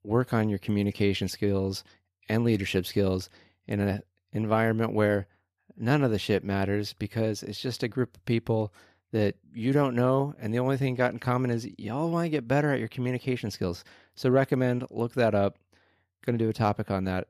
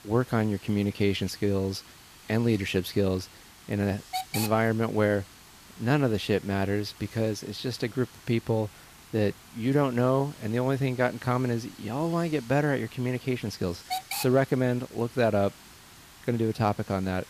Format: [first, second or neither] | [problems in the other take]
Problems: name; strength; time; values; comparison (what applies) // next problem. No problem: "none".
first | hiss; noticeable; throughout; 15 dB below the speech